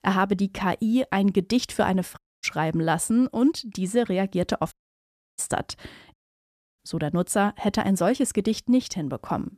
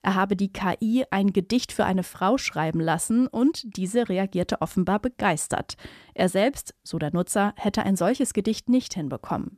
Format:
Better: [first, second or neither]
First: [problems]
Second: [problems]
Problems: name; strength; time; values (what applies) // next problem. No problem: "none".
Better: second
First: audio cutting out; at 2 s, at 4.5 s for 0.5 s and at 6 s for 0.5 s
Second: none